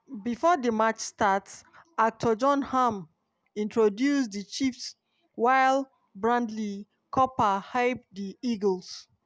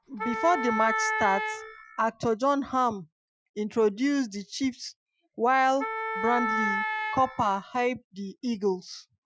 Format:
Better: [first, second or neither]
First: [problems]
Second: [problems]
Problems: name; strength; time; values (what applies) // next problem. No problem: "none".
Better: first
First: none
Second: noise reduction (classical method Wiener filter)